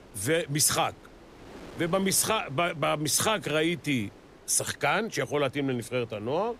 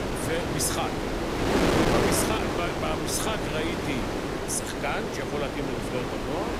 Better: first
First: wind noise on the microphone; occasional gusts; 25 dB below the speech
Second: wind noise on the microphone; heavy; 3 dB above the speech

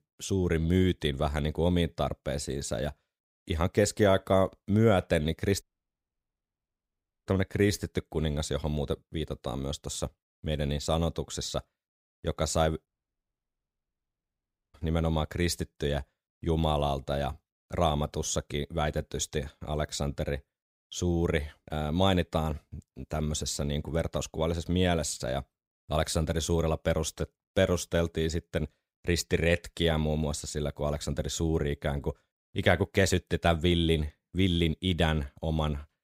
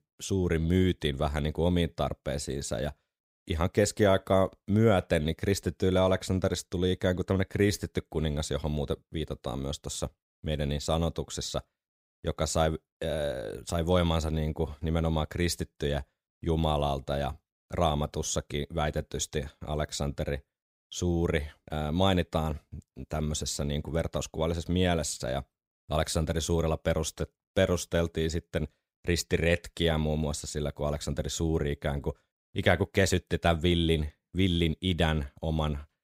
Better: second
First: audio cutting out; at 5.5 s for 1.5 s and at 13 s for 2 s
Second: none

